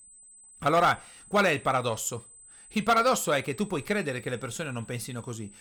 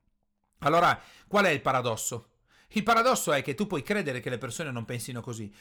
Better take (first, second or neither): second